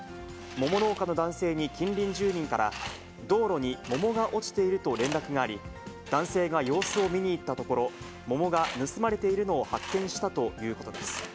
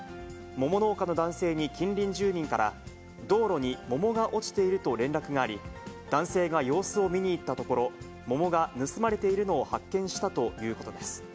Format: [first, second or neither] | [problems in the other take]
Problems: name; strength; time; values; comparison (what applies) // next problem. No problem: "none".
second | background sound (Tools); 14 dB below the speech